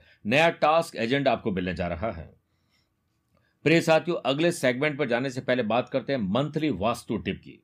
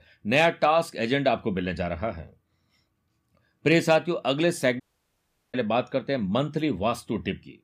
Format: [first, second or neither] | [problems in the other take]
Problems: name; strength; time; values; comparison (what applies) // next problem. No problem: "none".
first | audio cutting out; at 5 s for 0.5 s